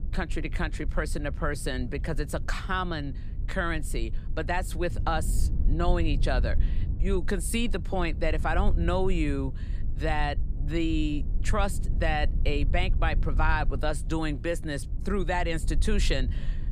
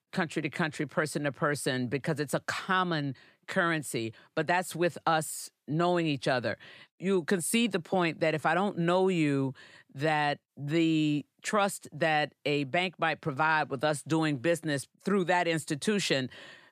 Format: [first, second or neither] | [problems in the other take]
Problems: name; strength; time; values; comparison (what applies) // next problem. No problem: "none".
second | low rumble; noticeable; throughout; 20 dB below the speech